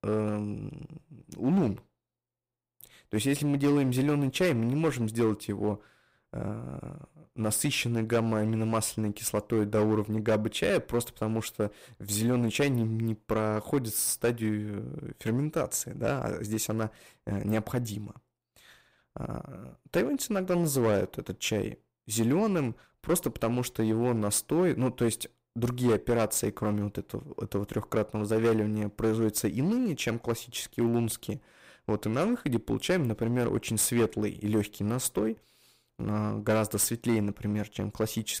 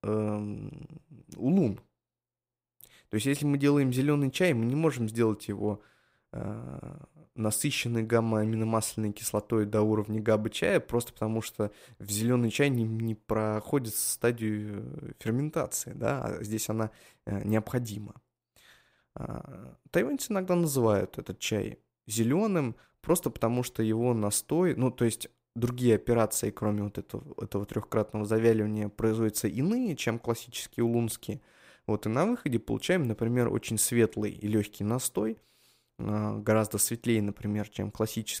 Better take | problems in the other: second | distortion; slight; 6% of the sound clipped

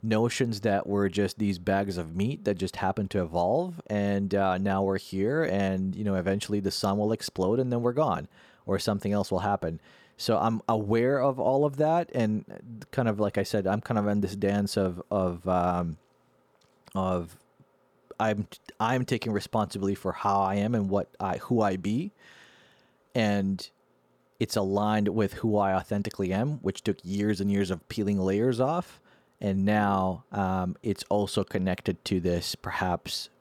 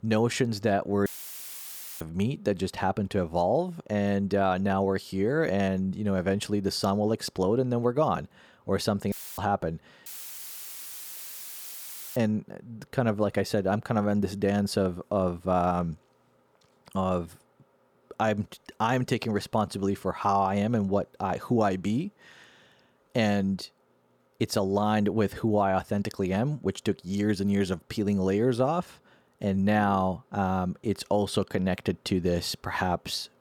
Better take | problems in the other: first | audio cutting out; filled with static; at 1 s for 1 s, at 9 s and at 10 s for 2 s

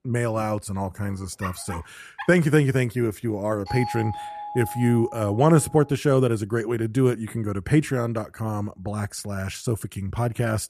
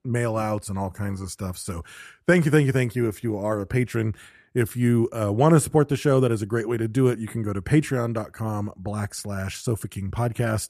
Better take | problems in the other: second | dog barking; faint; at 1.5 s; peak 10 dB below the speech // doorbell; noticeable; from 3.5 to 6 s; peak 7 dB below the speech

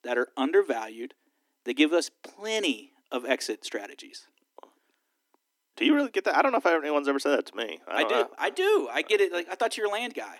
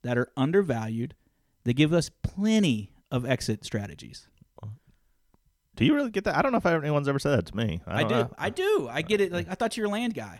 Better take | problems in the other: second | thin; somewhat; fading below 250 Hz

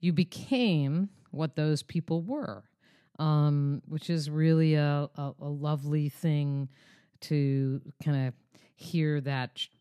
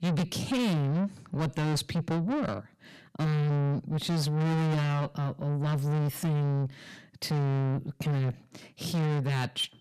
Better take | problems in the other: first | distortion; heavy; 5 dB below the speech

